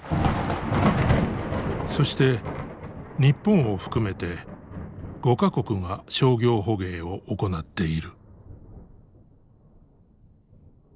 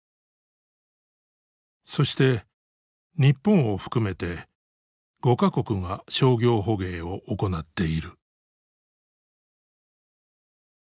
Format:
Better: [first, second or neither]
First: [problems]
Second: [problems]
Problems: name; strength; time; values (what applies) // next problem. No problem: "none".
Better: second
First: background sound (Thunder); 4 dB below the speech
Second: none